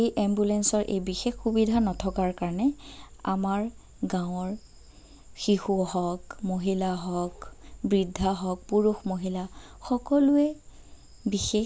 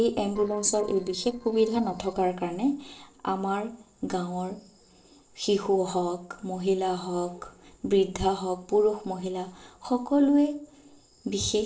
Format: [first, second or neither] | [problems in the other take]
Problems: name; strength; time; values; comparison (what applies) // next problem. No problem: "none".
first | noise reduction (neural separator model SepFormer DNS4)